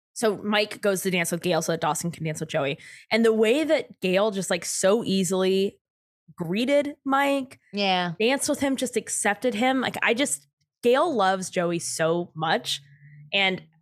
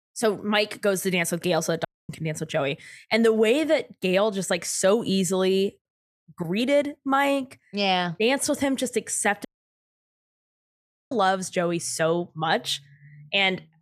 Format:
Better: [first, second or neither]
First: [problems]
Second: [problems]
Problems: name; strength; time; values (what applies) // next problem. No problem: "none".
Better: first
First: none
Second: audio cutting out; at 2 s and at 9.5 s for 1.5 s